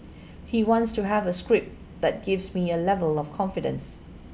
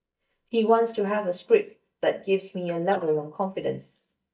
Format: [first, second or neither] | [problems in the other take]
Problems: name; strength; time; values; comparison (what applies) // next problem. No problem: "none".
first | noise reduction (neural mask model DeepFilterNet 3)